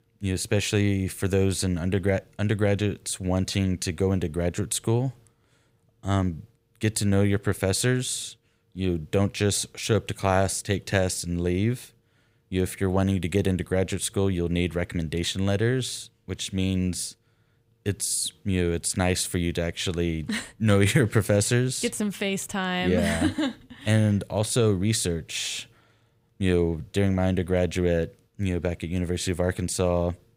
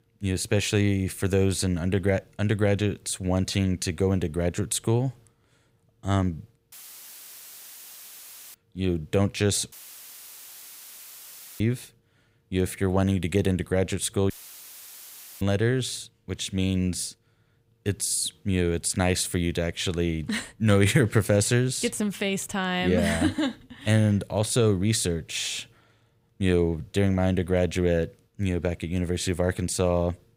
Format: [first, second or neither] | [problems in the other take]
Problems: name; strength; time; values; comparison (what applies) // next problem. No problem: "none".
first | audio cutting out; filled with static; at 6.5 s for 2 s, at 9.5 s for 2 s and at 14 s for 1 s